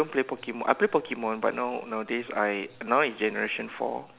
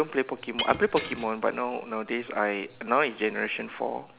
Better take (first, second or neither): first